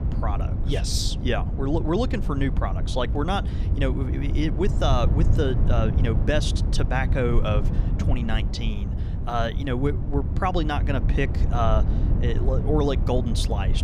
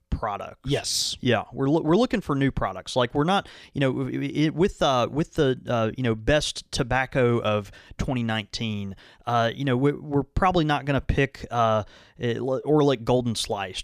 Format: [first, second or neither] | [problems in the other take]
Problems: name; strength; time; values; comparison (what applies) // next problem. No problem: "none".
second | wind noise on the microphone; heavy; 10 dB below the speech